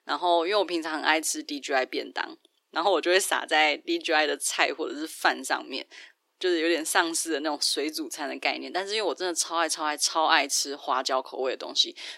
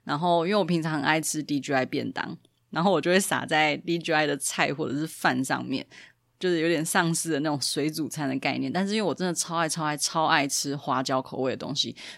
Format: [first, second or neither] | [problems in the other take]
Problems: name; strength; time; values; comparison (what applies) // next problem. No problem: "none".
second | thin; somewhat; fading below 350 Hz